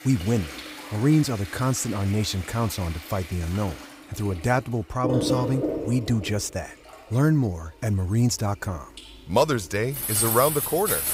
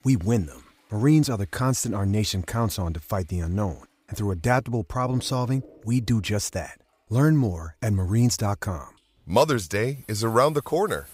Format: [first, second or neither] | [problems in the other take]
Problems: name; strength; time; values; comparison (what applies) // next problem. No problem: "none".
second | household noises; loud; throughout; 5 dB below the speech; faint in the second